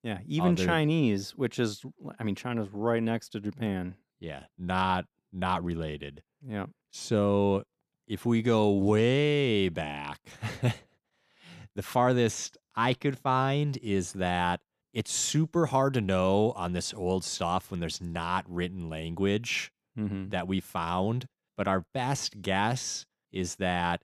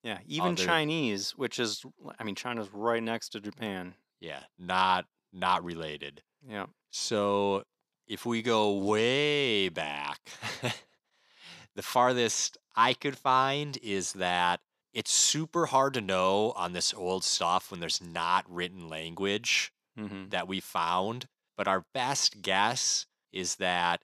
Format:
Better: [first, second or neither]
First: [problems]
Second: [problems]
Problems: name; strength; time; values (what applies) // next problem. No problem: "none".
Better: first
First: none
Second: thin; somewhat; fading below 1 kHz